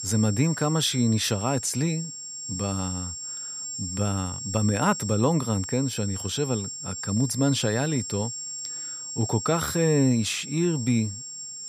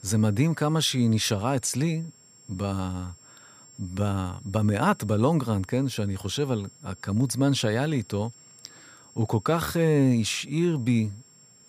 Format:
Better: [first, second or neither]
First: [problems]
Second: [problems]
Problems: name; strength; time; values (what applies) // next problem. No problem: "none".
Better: second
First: high-pitched whine; loud; throughout; 7.5 kHz, 7 dB below the speech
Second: high-pitched whine; faint; throughout; 7.5 kHz, 25 dB below the speech